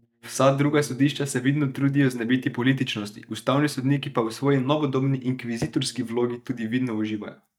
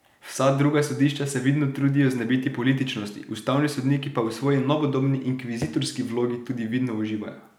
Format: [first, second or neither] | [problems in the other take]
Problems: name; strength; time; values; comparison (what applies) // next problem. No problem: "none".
second | noise reduction (neural mask model DeepFilterNet 3)